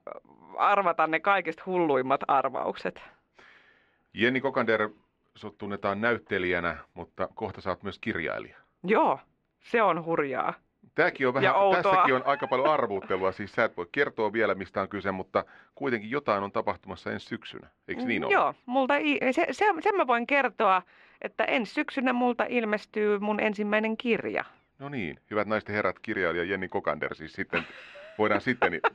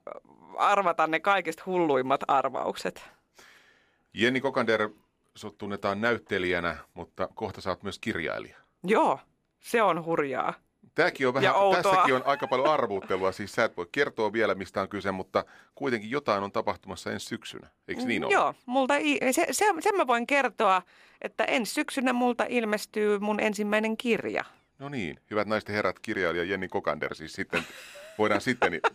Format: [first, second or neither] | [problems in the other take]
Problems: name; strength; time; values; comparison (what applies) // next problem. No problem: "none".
second | muffled; slightly; fading above 2.5 kHz